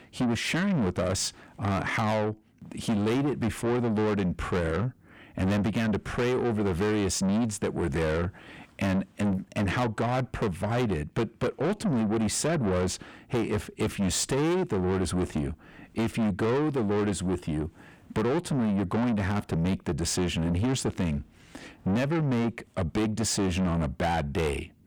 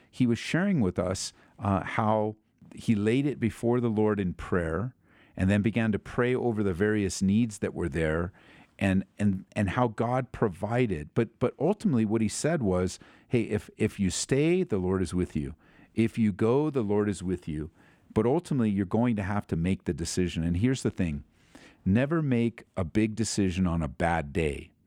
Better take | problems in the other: second | distortion; heavy; 7 dB below the speech

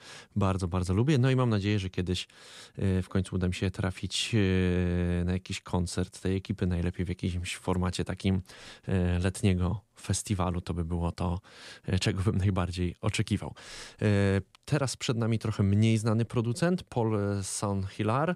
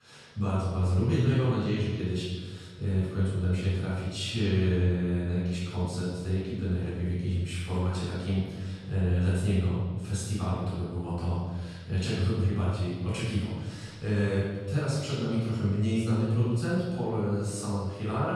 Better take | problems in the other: first | off-mic speech; far // room echo; strong; dies away in 1.4 s

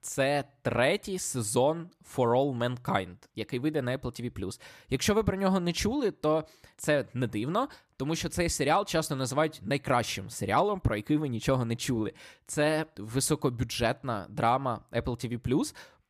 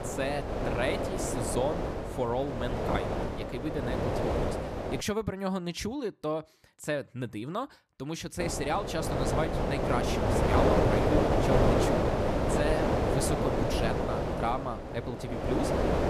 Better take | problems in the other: first | wind noise on the microphone; heavy; until 5 s and from 8.5 s on; 4 dB above the speech

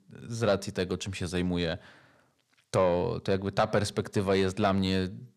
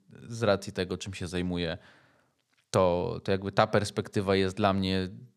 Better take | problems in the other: second | distortion; slight; 10 dB below the speech

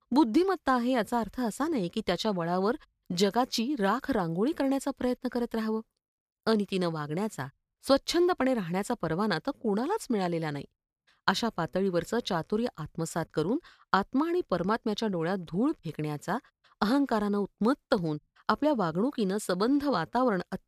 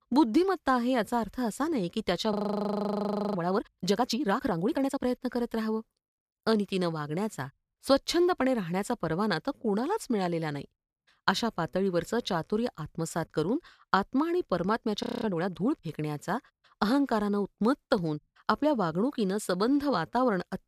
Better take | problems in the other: first | audio freezing; at 2.5 s for 1 s and at 15 s

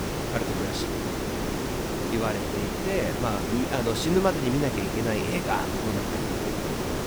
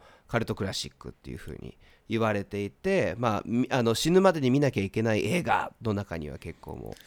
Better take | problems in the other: second | hiss; loud; throughout; as loud as the speech

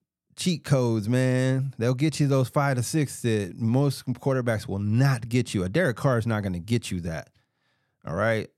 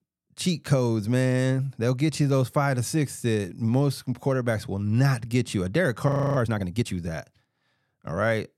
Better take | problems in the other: first | audio freezing; at 6 s

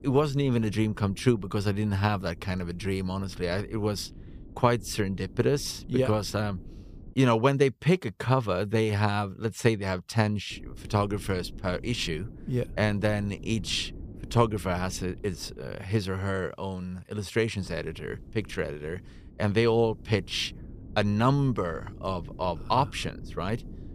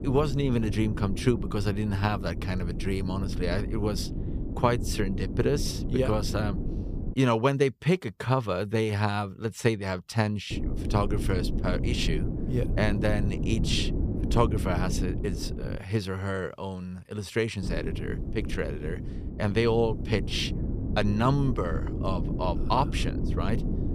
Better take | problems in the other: first | low rumble; loud; until 7 s, from 11 to 16 s and from 18 s on; 10 dB below the speech; faint in the first

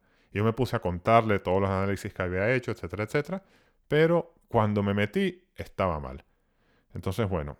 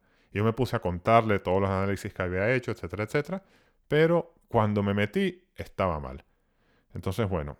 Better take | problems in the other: neither | none

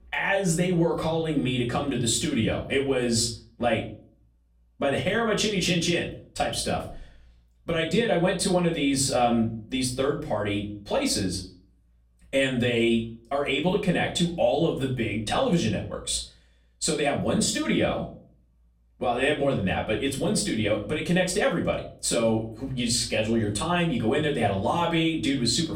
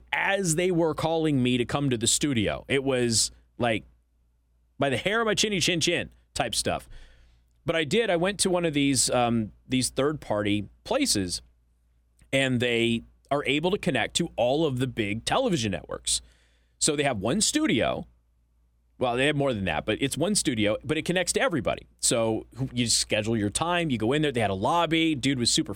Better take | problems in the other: second | off-mic speech; far // room echo; slight; dies away in 0.4 s

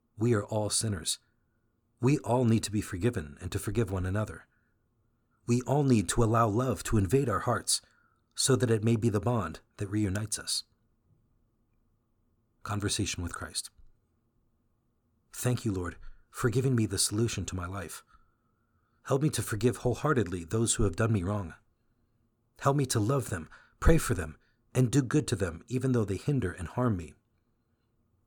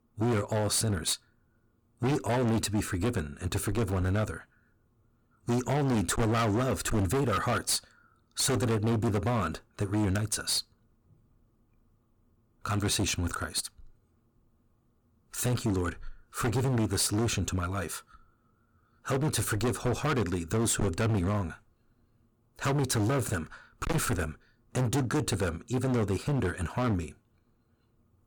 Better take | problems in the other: first | distortion; heavy; 17% of the sound clipped

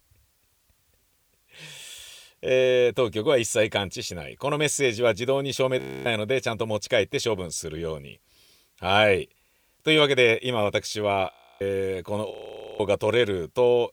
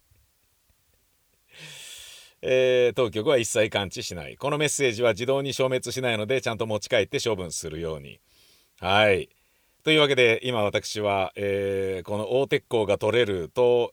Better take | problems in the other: second | audio freezing; at 6 s, at 11 s and at 12 s

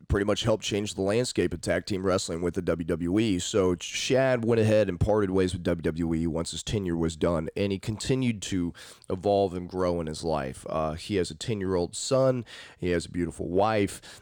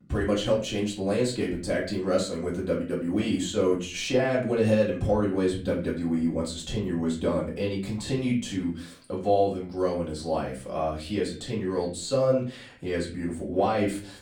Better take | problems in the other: first | off-mic speech; far // room echo; slight; dies away in 0.4 s

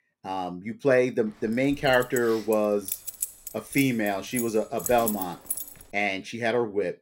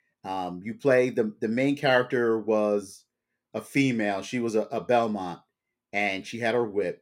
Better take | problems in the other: second | jangling keys; noticeable; from 1.5 to 5.5 s; peak 4 dB below the speech

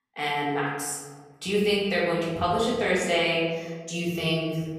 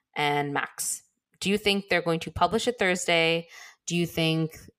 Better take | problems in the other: second | room echo; noticeable; dies away in 1.3 s // off-mic speech; far

